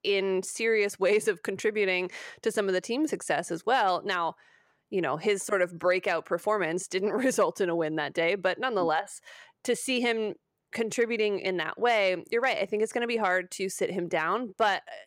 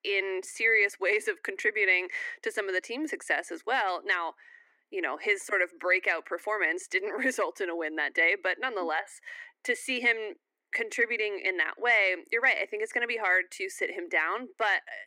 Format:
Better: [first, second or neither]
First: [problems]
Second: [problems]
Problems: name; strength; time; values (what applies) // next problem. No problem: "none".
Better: first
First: none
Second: thin; somewhat; fading below 250 Hz